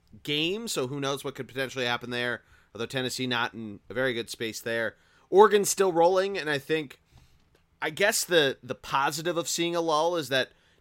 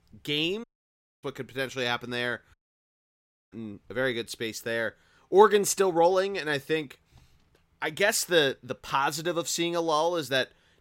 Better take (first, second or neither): first